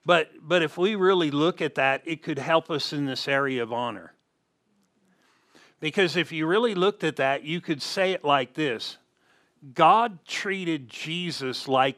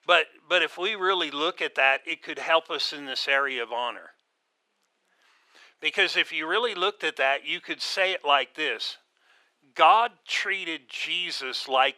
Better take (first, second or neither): first